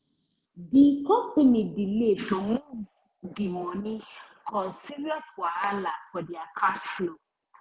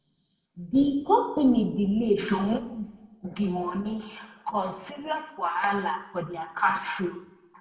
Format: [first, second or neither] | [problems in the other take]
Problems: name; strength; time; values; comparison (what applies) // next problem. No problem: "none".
first | room echo; dies away in 0.7 s